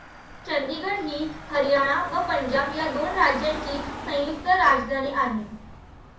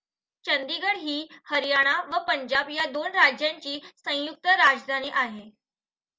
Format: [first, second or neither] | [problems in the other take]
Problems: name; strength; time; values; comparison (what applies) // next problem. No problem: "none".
second | background sound (Engine / Car); 13 dB below the speech // room echo; dies away in 0.6 s